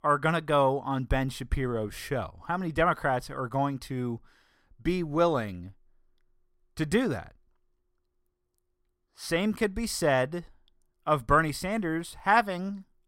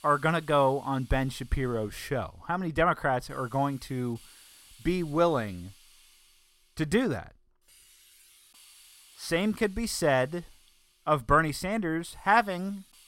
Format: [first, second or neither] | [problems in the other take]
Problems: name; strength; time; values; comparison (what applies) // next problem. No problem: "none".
first | hiss; faint; throughout; 25 dB below the speech